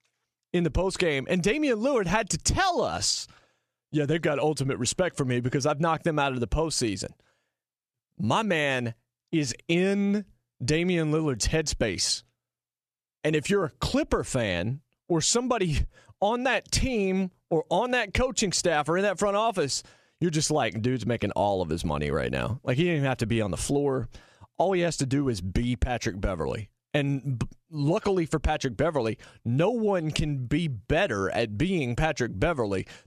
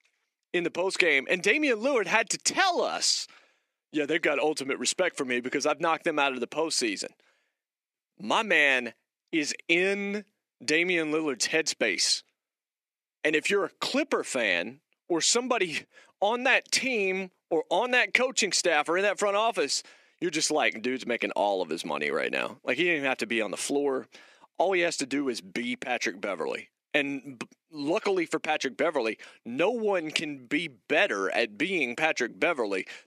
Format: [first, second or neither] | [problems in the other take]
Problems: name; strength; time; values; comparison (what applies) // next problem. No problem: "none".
first | thin; somewhat; fading below 250 Hz